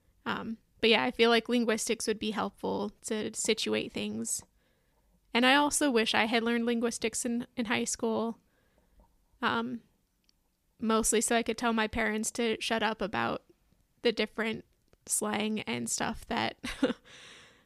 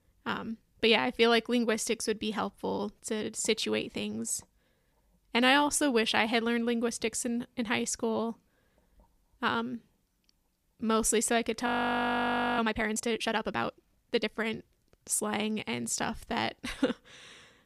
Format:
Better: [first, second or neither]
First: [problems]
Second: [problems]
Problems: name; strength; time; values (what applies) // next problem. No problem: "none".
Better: first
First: none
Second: audio freezing; at 12 s for 1 s